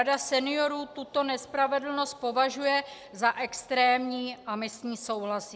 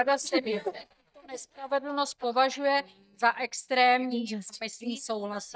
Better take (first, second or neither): first